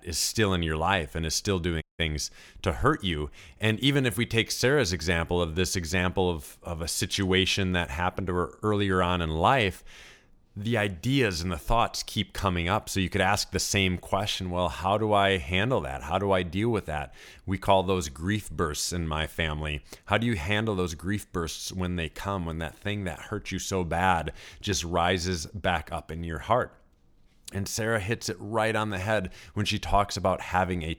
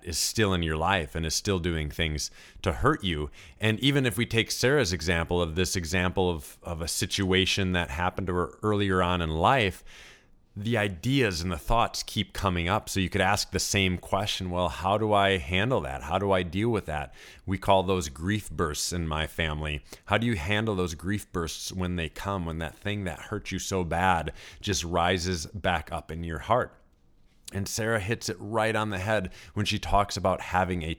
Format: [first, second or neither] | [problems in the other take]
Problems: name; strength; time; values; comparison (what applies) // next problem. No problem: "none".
second | audio cutting out; at 2 s